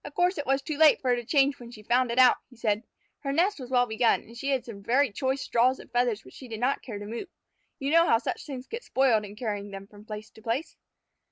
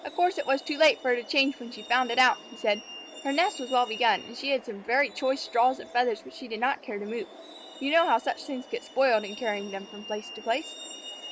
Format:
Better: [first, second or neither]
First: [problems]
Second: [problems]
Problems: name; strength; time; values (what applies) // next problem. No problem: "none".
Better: first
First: none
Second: background sound (Truck); 16 dB below the speech